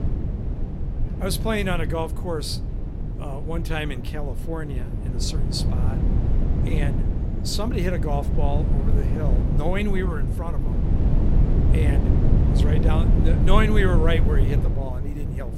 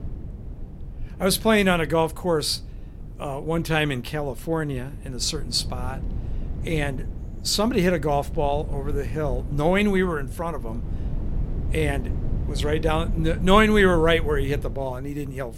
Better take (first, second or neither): second